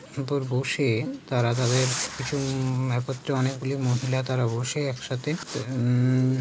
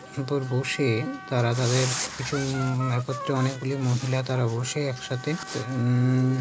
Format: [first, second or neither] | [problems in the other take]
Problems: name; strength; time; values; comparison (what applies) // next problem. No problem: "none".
first | background sound (Wind instrument, woodwind instrument); 15 dB below the speech